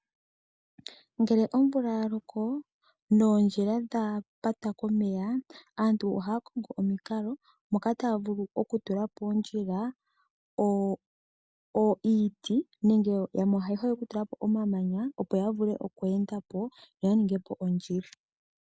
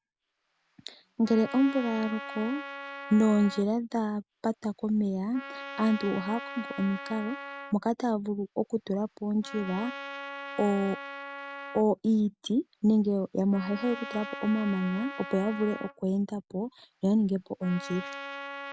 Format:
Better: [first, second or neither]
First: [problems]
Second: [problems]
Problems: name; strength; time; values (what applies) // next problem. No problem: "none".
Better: first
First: none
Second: background sound (Trumpet); 13 dB below the speech